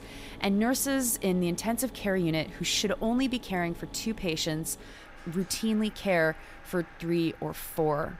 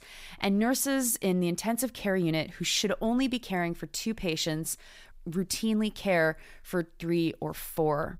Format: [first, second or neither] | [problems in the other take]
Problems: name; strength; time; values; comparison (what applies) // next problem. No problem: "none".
second | machinery noise; noticeable; throughout; 20 dB below the speech